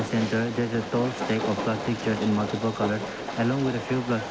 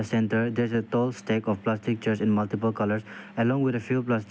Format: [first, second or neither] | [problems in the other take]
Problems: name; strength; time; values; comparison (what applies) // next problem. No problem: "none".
second | background sound (Train); 6 dB below the speech